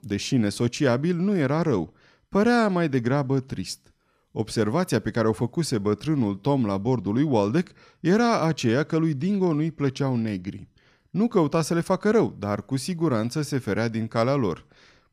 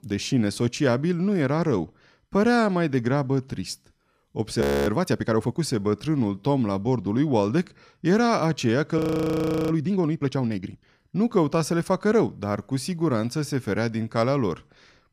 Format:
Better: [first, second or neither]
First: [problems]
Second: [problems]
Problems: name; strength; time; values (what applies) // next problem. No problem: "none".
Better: first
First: none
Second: audio freezing; at 4.5 s and at 9 s for 0.5 s